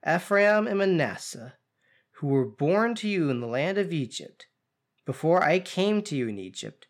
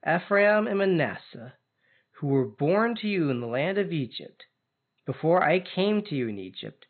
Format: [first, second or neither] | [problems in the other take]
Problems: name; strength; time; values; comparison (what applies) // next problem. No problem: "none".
first | garbled, watery; badly; nothing above 4 kHz